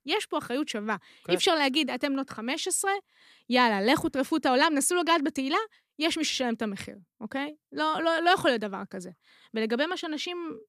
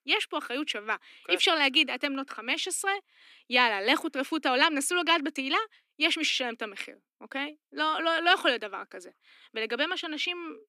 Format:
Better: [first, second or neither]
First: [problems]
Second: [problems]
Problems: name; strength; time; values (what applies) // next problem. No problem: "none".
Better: first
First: none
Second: thin; very slightly; fading below 250 Hz